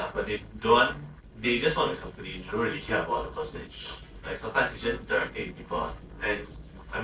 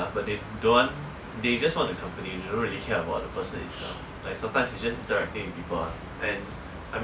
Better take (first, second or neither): second